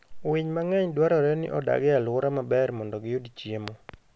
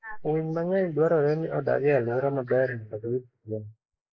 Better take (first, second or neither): first